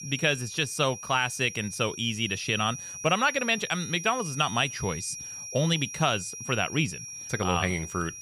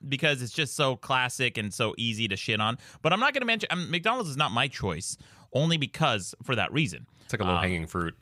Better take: second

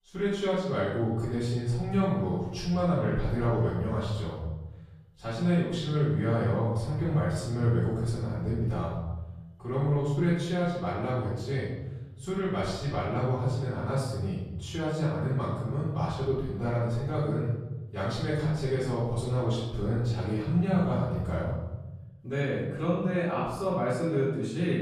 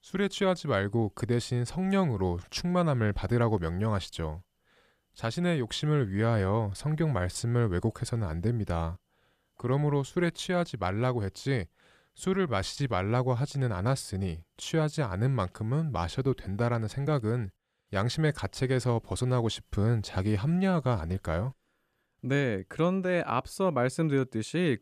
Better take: second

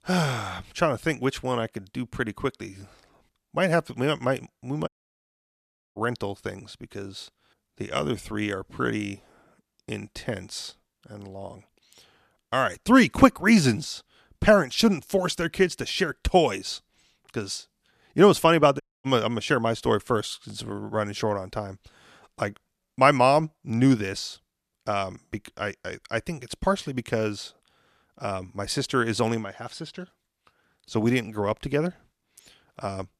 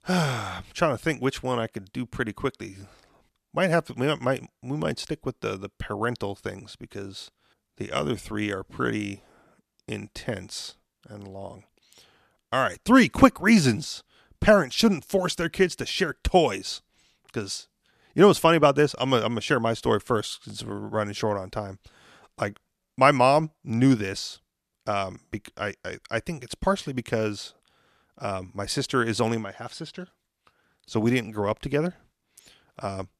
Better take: second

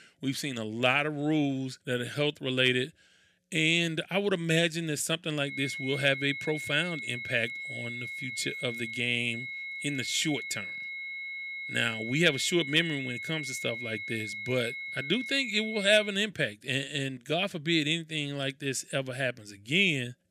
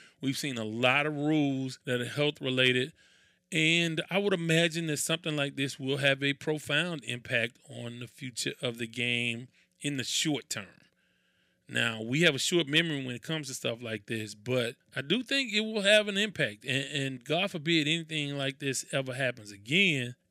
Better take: second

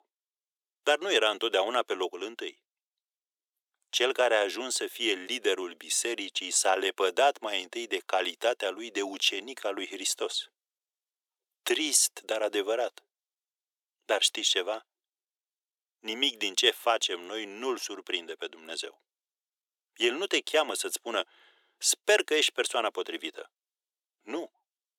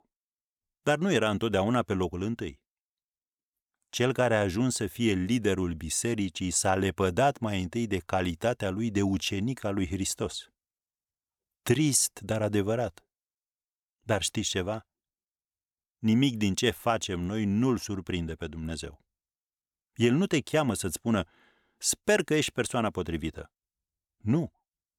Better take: second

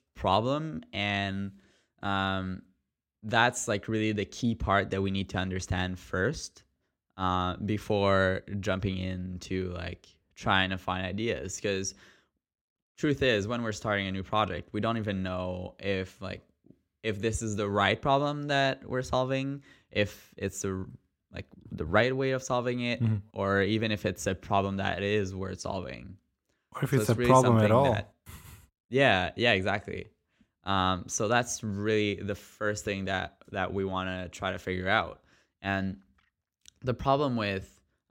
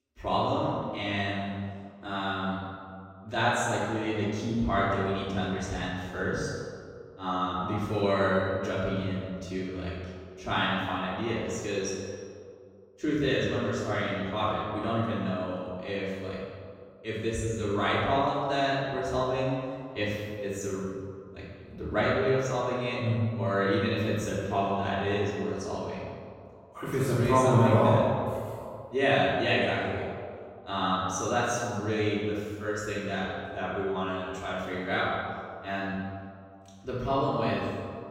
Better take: first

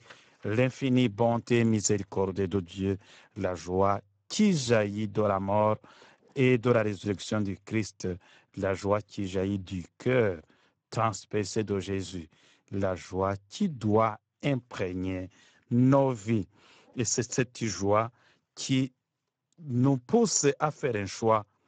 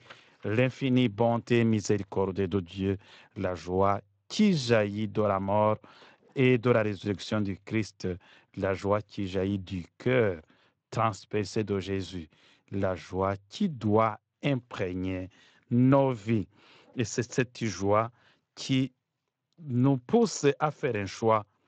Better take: second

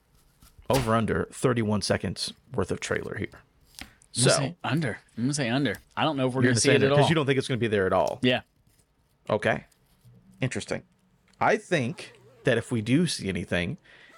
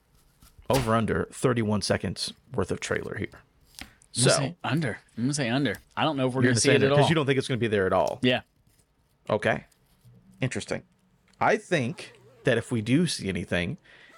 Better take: neither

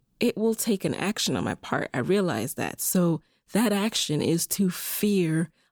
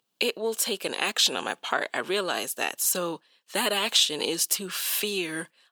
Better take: first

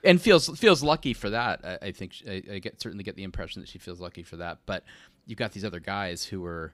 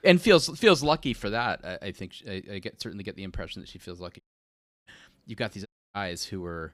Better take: first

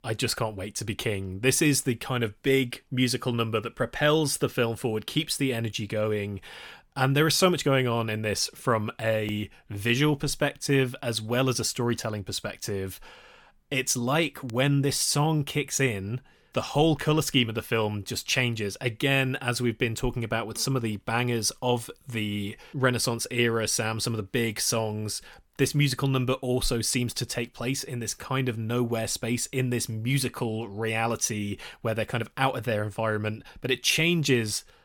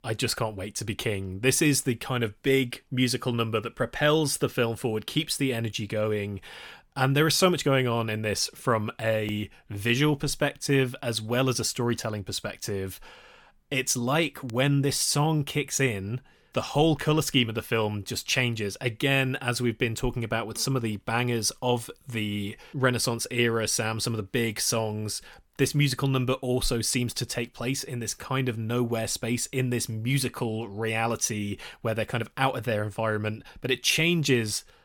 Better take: neither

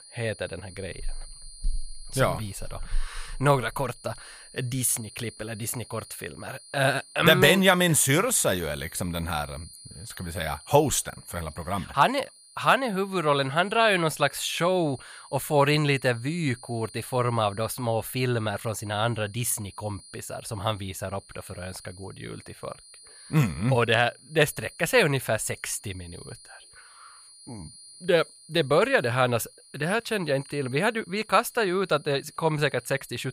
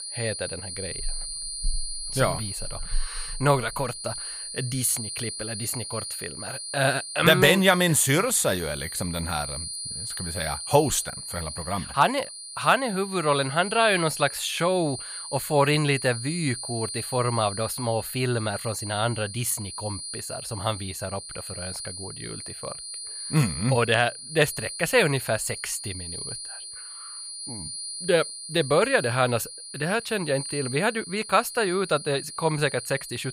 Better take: first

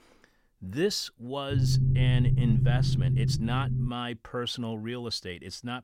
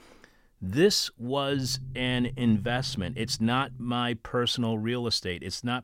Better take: second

